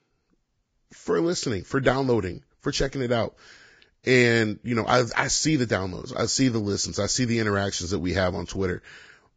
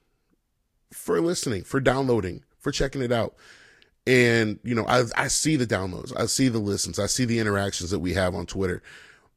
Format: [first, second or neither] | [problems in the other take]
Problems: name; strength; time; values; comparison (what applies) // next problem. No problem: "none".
second | garbled, watery; badly; nothing above 7.5 kHz; slightly in the second